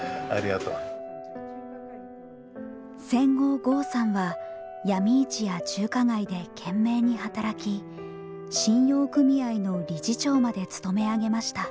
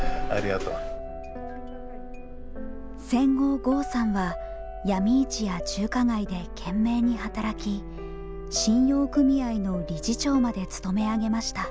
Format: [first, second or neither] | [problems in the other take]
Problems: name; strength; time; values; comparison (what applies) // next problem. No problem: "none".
first | background sound (Engine starting); 10 dB below the speech